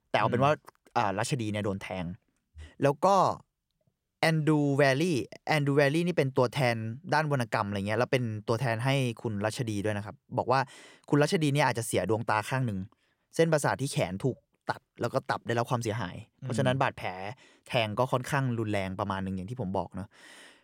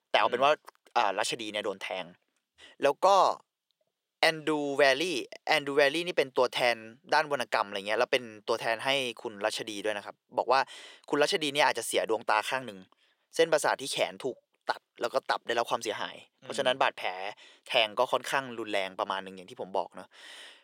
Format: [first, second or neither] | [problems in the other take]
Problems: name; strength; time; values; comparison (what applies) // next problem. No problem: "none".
first | thin; somewhat; fading below 500 Hz